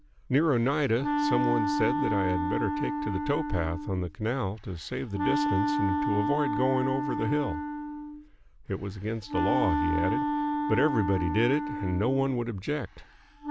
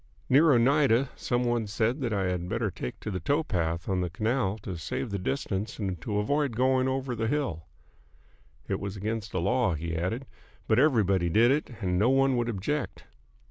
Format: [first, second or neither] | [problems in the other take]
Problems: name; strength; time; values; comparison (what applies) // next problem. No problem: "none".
second | background sound (Wind instrument, woodwind instrument); 1 dB below the speech